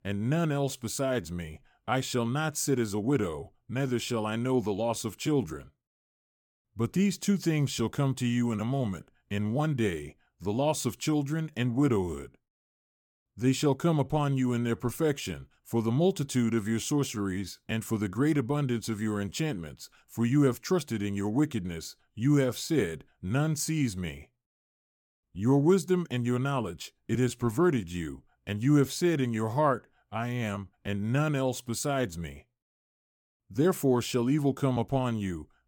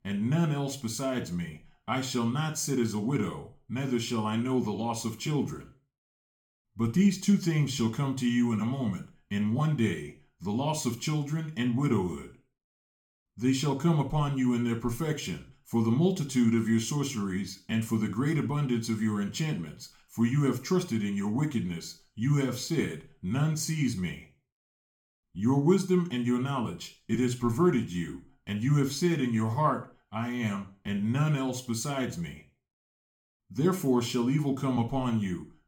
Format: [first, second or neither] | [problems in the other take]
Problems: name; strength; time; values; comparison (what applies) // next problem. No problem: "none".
first | room echo; very slight; dies away in 0.4 s // off-mic speech; somewhat distant